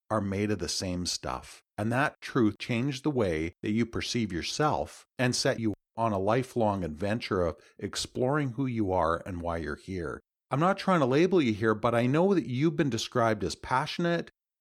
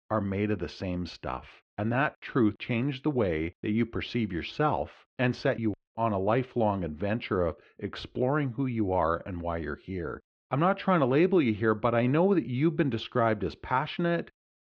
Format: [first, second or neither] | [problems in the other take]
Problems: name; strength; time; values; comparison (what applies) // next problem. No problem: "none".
first | muffled; slightly; fading above 3 kHz